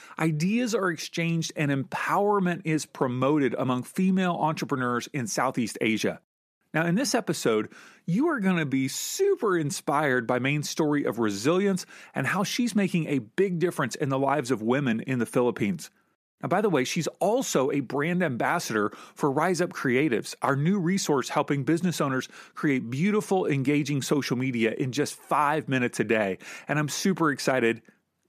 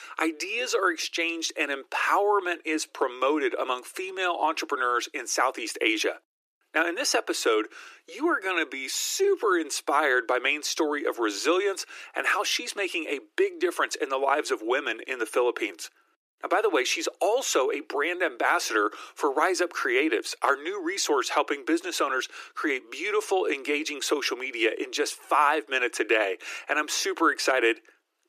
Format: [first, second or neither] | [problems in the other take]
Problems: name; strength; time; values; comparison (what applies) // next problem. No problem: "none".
first | thin; very; fading below 300 Hz